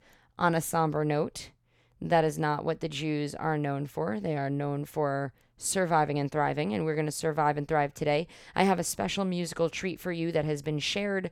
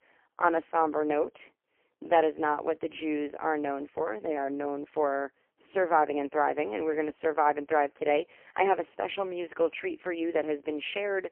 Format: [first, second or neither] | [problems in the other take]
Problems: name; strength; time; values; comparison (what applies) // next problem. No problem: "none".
first | phone-call audio; poor line; nothing above 3 kHz